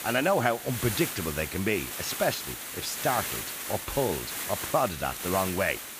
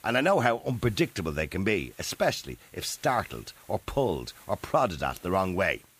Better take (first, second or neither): second